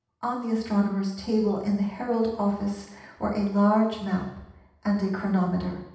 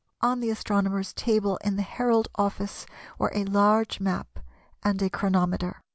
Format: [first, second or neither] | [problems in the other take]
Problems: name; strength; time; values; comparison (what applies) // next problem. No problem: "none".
second | room echo; dies away in 0.8 s